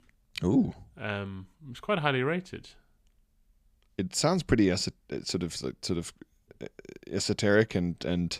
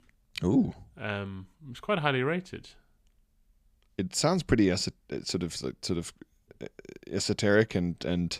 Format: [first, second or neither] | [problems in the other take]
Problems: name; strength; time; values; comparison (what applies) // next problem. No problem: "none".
neither | none